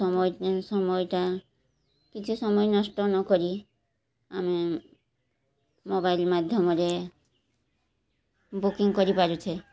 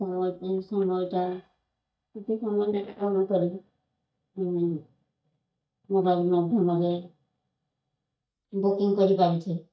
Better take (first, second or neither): first